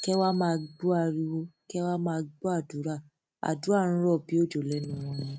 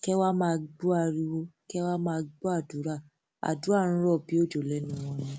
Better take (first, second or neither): second